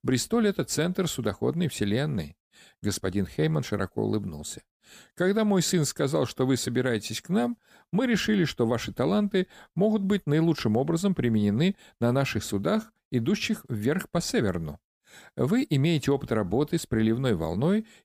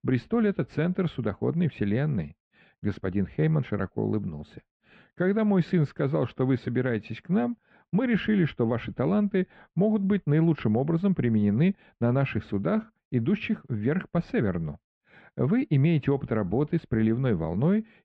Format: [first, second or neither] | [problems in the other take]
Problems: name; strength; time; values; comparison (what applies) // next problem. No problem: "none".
first | muffled; very; fading above 2.5 kHz